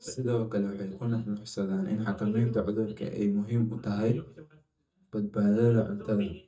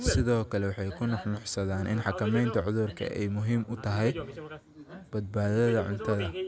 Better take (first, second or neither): second